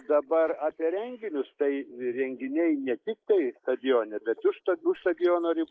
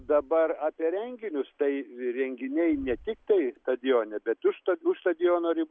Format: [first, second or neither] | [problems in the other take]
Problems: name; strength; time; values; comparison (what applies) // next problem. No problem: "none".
second | noise reduction (neural mask model Resemble Enhance denoiser)